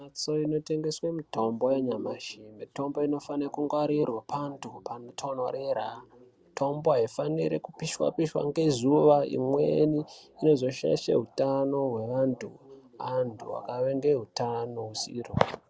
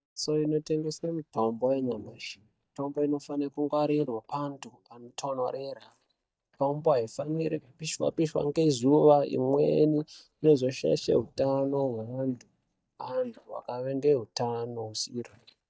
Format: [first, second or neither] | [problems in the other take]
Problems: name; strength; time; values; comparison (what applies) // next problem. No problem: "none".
first | noise reduction (neural mask model DeepFilterNet 3)